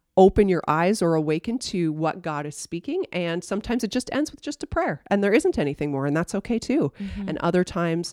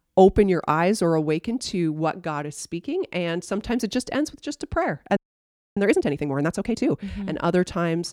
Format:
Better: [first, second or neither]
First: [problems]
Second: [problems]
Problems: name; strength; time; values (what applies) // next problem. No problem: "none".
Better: first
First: none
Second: audio freezing; at 5 s for 0.5 s